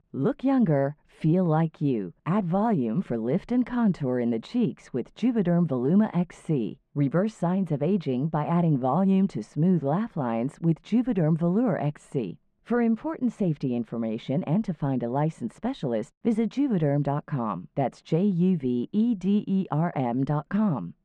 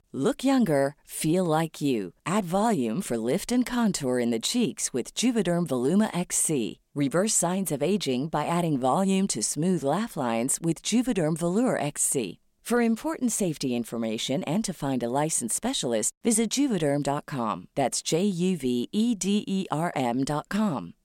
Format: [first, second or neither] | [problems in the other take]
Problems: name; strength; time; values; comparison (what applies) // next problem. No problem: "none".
second | muffled; very; fading above 1.5 kHz